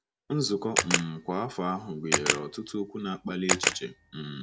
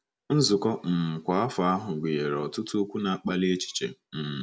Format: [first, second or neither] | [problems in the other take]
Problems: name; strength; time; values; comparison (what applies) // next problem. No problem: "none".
second | background sound (Camera); 1 dB above the speech